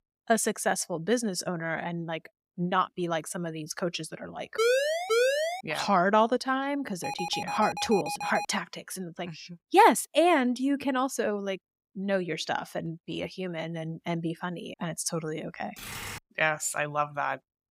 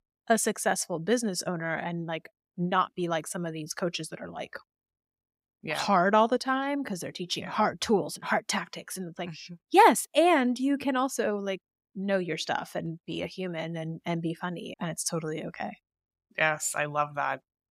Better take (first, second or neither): second